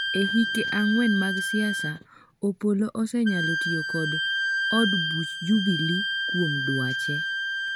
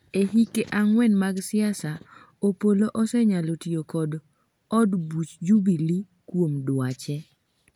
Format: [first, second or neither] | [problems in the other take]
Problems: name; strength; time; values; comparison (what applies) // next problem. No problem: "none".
second | background sound (Wind instrument, woodwind instrument); 2 dB below the speech